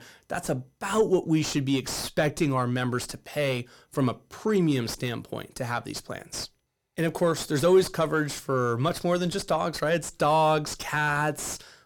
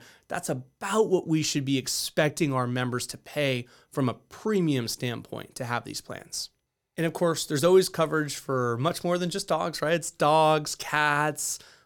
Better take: second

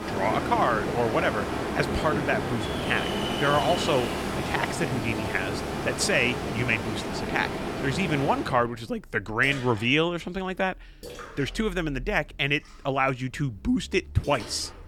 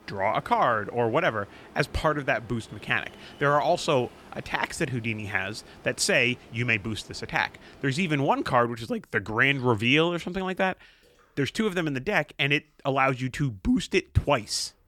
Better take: second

